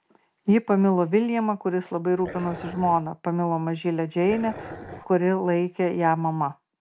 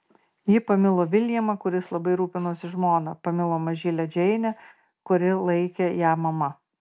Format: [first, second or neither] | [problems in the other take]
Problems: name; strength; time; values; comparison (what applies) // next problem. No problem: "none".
second | background sound (Dog); 14 dB below the speech